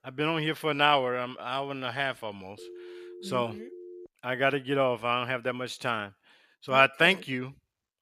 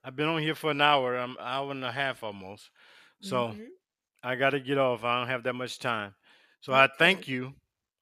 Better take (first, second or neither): second